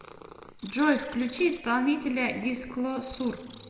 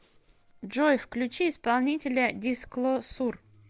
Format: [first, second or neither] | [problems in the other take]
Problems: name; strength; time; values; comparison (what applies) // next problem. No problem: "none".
second | background sound (Purr); 20 dB below the speech // room echo; dies away in 1.4 s